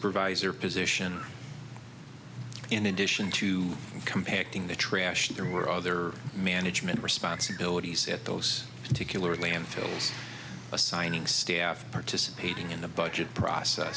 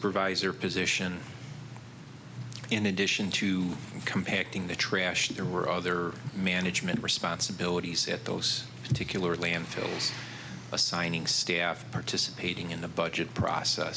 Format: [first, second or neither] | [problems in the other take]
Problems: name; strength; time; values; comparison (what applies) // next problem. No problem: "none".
second | background sound (Bird vocalization, bird call, bird song); 20 dB below the speech